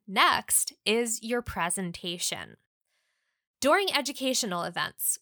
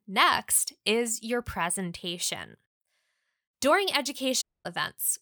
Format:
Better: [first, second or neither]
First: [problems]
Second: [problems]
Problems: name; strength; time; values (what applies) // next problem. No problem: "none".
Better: first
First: none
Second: audio cutting out; at 4.5 s